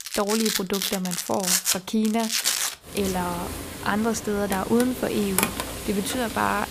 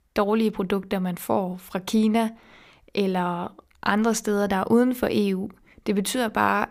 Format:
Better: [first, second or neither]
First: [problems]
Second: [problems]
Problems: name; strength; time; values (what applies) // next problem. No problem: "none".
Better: second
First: household noises; loud; throughout; 1 dB below the speech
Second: none